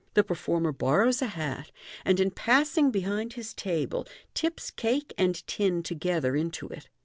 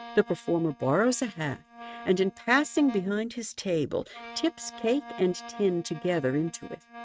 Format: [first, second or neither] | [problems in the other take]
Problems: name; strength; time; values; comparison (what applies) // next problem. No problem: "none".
first | noise reduction (neural mask model RNNoise)